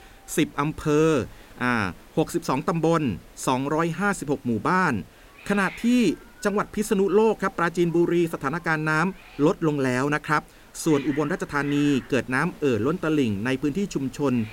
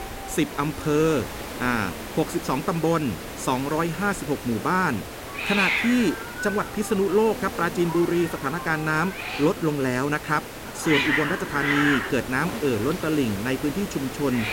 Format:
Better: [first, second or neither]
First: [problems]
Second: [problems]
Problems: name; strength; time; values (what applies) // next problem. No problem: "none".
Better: first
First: hiss; faint; throughout; 20 dB below the speech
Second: hiss; loud; throughout; 5 dB below the speech